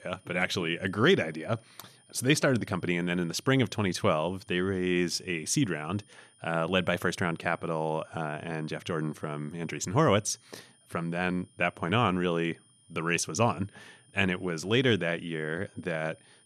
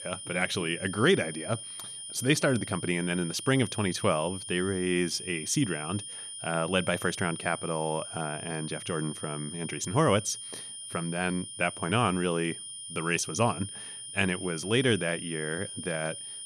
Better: first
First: high-pitched whine; faint; throughout; 9.5 kHz, 30 dB below the speech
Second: high-pitched whine; loud; throughout; 9.5 kHz, 9 dB below the speech

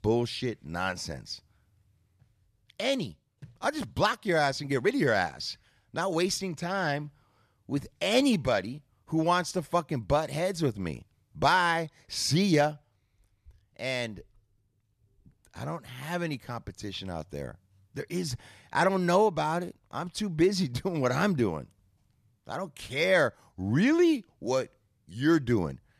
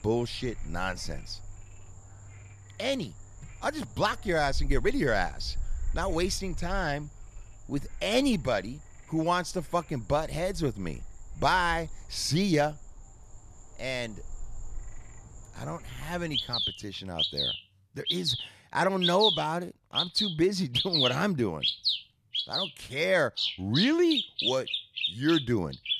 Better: first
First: none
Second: animal sounds; loud; throughout; 1 dB below the speech

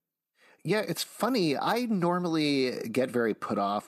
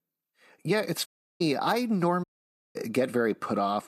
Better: first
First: none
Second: audio cutting out; at 1 s and at 2 s for 0.5 s

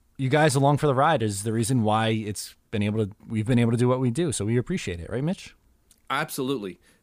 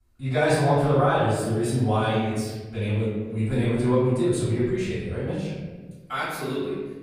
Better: first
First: none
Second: off-mic speech; far // room echo; strong; dies away in 1.3 s

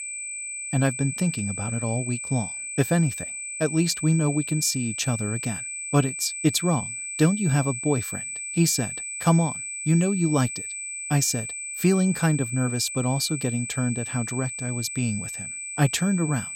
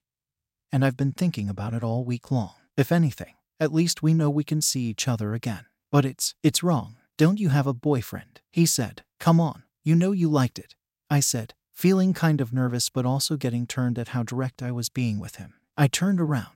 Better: second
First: high-pitched whine; loud; throughout; 8 kHz, 6 dB below the speech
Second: none

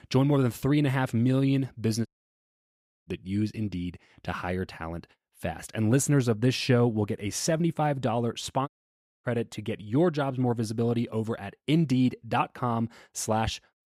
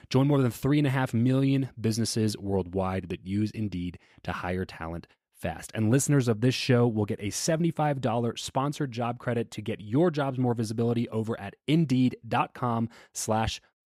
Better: second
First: audio cutting out; at 2 s for 1 s and at 8.5 s for 0.5 s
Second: none

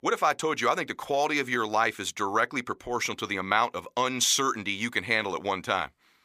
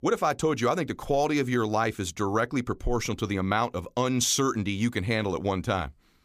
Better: second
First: thin; somewhat; fading below 550 Hz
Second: none

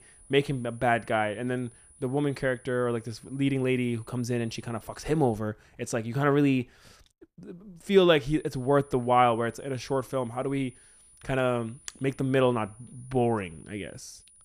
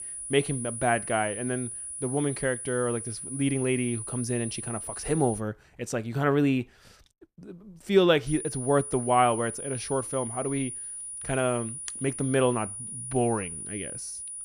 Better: first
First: high-pitched whine; faint; until 5.5 s and from 8.5 s on; 9.5 kHz, 25 dB below the speech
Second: high-pitched whine; loud; until 5.5 s and from 8.5 s on; 9.5 kHz, 7 dB below the speech

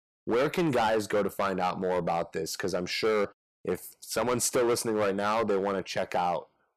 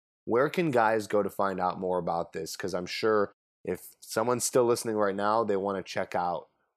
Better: second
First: distortion; heavy; 10% of the sound clipped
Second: none

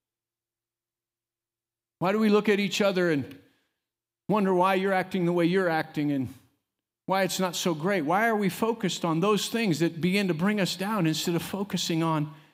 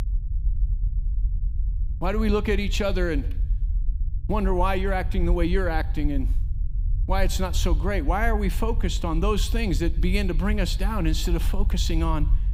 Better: first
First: none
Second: low rumble; faint; throughout; 20 dB below the speech

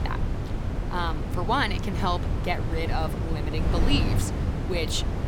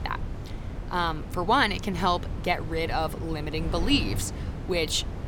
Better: second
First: wind noise on the microphone; heavy; 7 dB below the speech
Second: wind noise on the microphone; occasional gusts; 15 dB below the speech

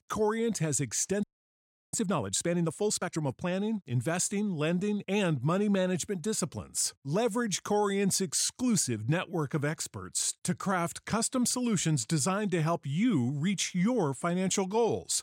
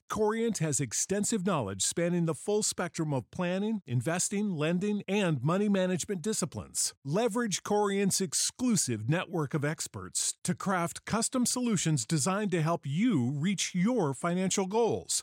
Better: second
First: audio freezing; at 1 s for 0.5 s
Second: none

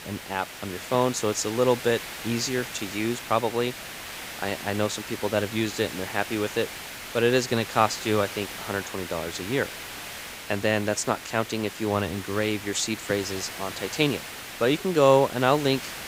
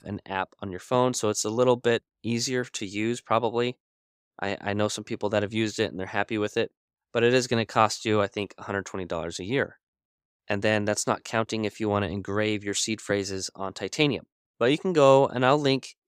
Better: second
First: hiss; loud; throughout; 10 dB below the speech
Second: none

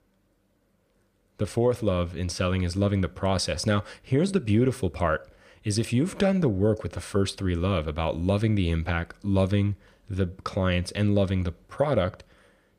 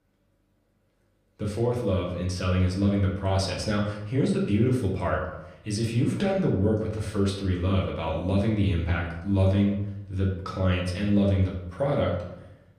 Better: first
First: none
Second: room echo; slight; dies away in 0.7 s // off-mic speech; far

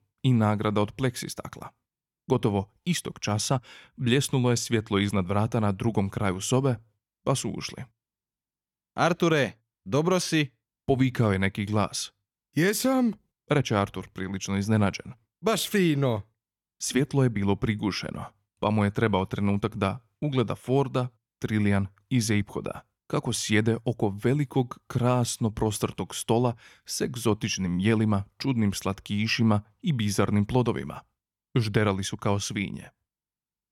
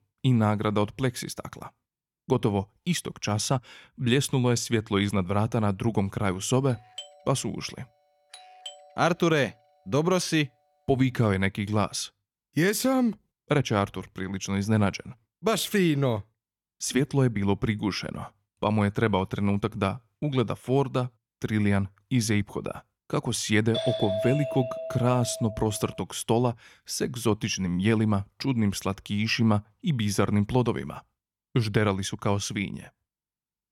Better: first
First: none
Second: doorbell; faint; from 6.5 to 9 s; peak 15 dB below the speech // doorbell; noticeable; from 24 to 26 s; peak 2 dB below the speech

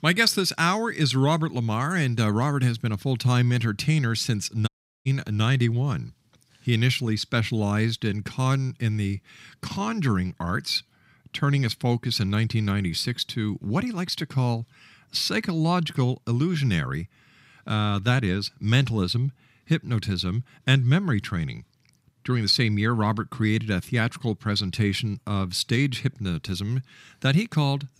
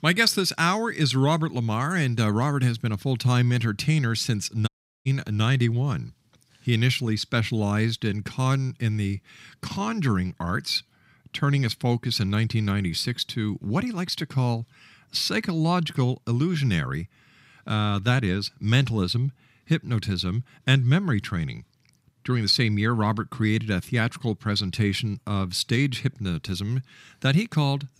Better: neither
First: audio cutting out; at 4.5 s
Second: audio cutting out; at 4.5 s

